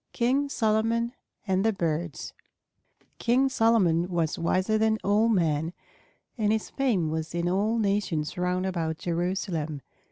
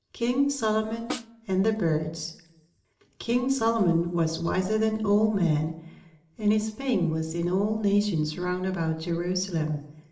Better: first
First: none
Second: background sound (Snare drum); 12 dB below the speech // room echo; dies away in 0.6 s

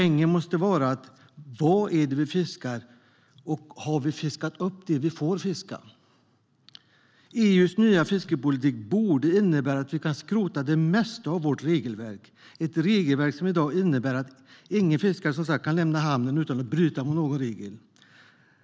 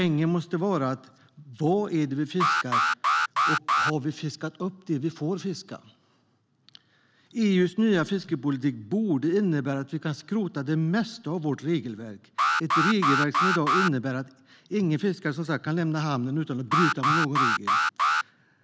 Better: first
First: none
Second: background sound (Alarm); 3 dB above the speech

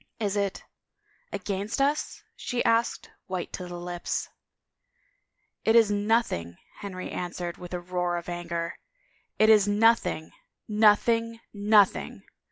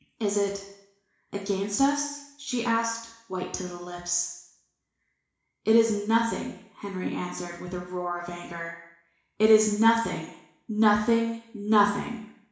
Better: first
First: none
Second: room echo; dies away in 0.7 s

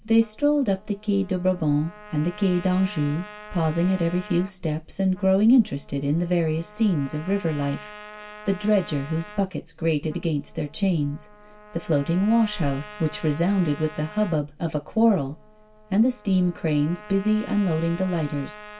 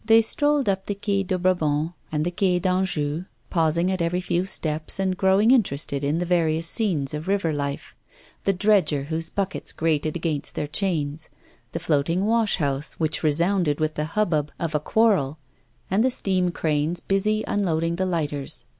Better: second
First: background sound (Trumpet); 20 dB below the speech // room echo; dies away in 0.2 s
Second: none

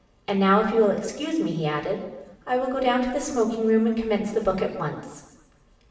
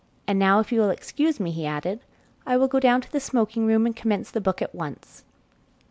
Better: second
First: room echo; dies away in 1 s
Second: none

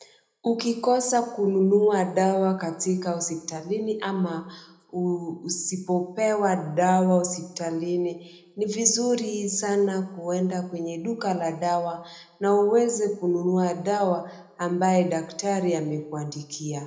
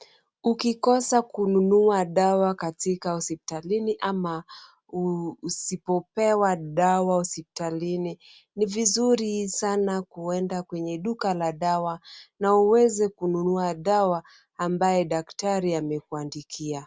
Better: second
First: room echo; dies away in 0.7 s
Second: none

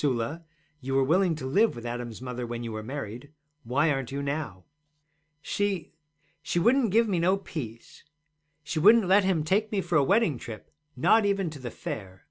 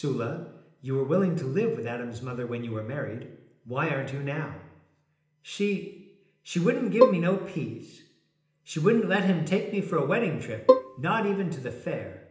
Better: first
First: none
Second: background sound (Bowed string instrument); 5 dB above the speech // room echo; dies away in 0.8 s

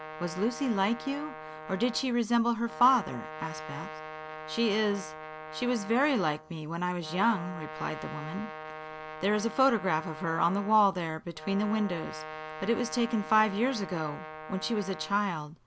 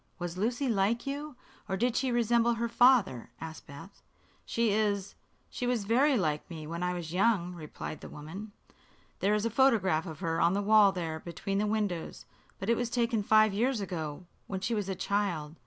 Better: second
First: background sound (Brass instrument); 12 dB below the speech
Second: none

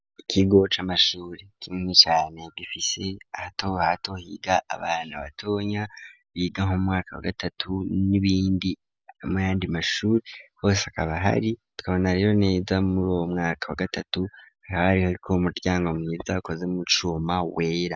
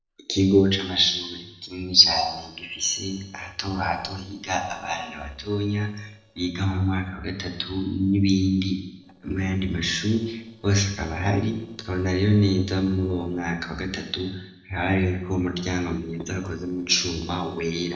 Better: first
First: none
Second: noise reduction (neural separator model SepFormer DNS4)

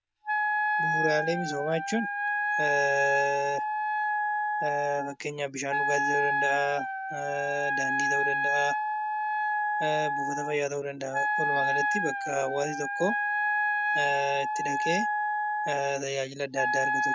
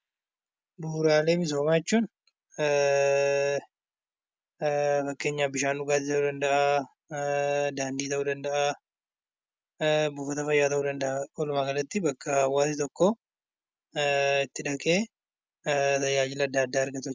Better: second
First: background sound (Wind instrument, woodwind instrument); 4 dB above the speech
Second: none

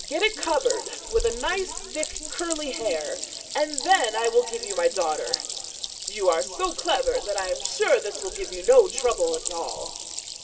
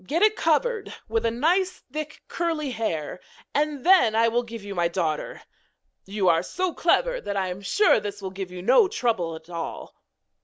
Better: second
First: background sound (Stream); 8 dB below the speech // room echo; dies away in 2.6 s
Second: none

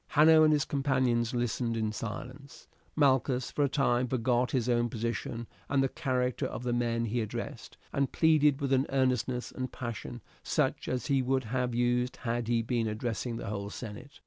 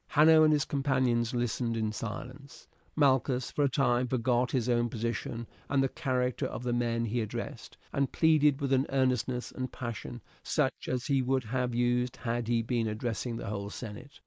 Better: first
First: none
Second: noise reduction (neural mask model Resemble Enhance denoiser)

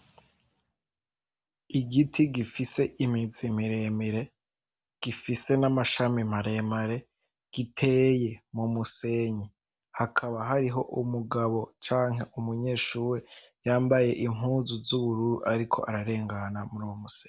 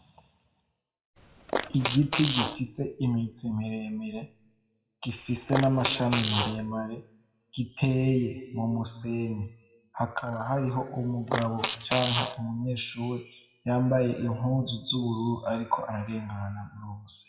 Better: first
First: none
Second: noise reduction (classical method WPE with log-MMSE)

